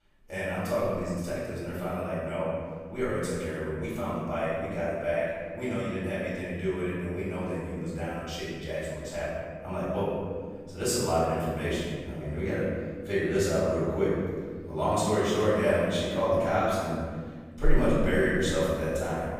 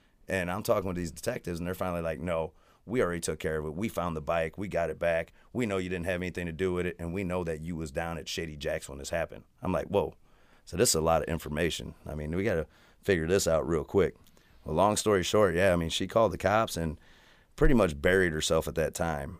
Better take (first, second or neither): second